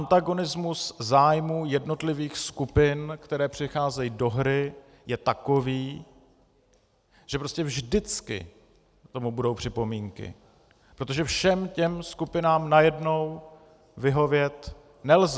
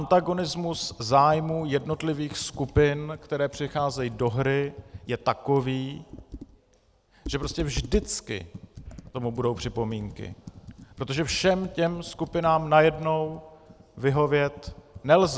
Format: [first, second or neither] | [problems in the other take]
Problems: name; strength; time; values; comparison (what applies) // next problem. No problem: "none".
first | background sound (Computer keyboard); 17 dB below the speech